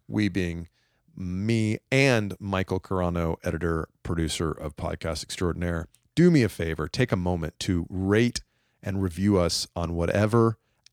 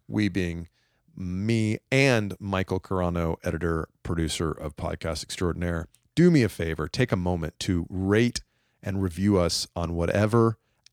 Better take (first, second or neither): neither